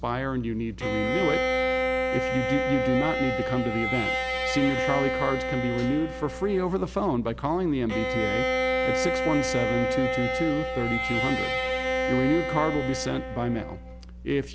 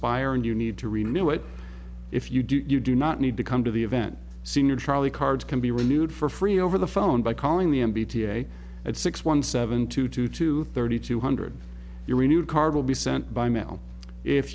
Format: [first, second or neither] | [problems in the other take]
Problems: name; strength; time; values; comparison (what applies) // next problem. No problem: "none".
second | background sound (Bowed string instrument); as loud as the speech